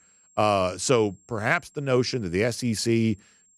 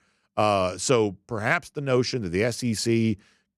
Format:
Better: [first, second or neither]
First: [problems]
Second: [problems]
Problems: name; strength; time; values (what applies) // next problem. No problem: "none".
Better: second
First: high-pitched whine; faint; throughout; 7.5 kHz, 35 dB below the speech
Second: none